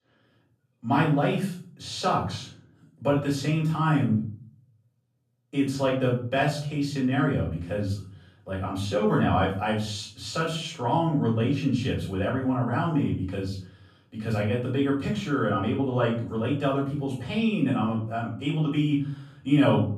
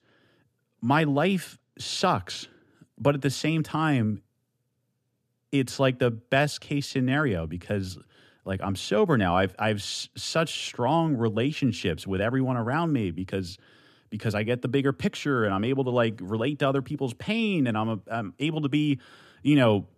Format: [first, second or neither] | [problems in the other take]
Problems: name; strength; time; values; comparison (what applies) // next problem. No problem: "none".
second | off-mic speech; far // room echo; noticeable; dies away in 0.5 s